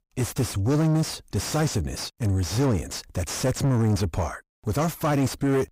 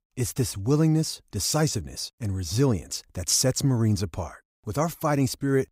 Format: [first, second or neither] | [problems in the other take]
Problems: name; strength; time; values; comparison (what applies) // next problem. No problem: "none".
second | distortion; heavy; 6 dB below the speech